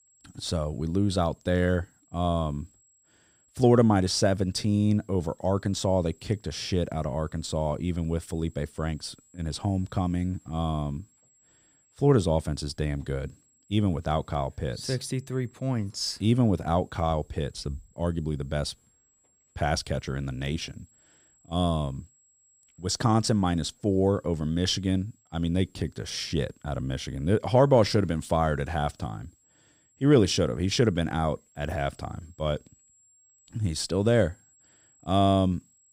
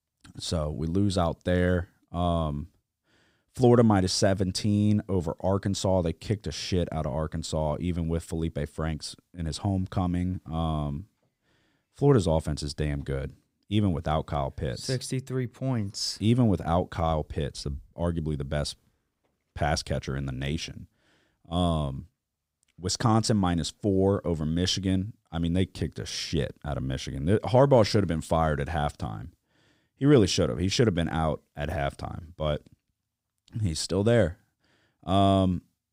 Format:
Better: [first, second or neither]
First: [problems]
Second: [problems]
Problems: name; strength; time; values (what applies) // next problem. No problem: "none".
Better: second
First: high-pitched whine; faint; throughout; 7.5 kHz, 35 dB below the speech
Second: none